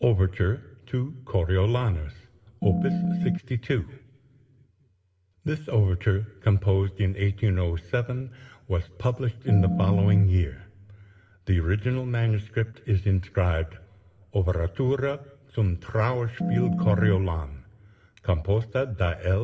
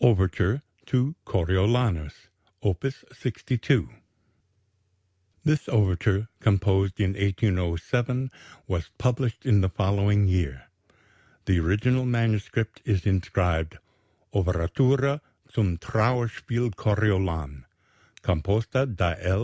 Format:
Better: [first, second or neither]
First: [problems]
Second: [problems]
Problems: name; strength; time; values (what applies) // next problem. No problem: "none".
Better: second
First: background sound (Organ); 1 dB above the speech // room echo; dies away in 1.3 s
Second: none